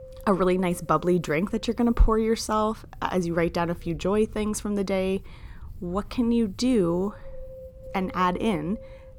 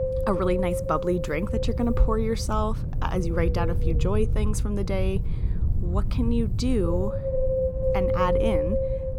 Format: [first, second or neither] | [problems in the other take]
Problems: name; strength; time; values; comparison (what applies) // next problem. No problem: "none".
first | wind noise on the microphone; heavy; 1 dB above the speech; occasional gusts in the first